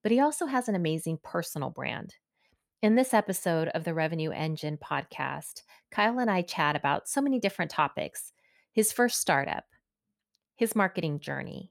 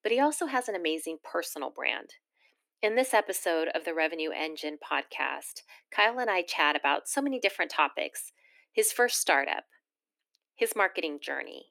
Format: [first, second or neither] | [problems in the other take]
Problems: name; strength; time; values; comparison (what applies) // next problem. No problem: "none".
first | thin; somewhat; fading below 300 Hz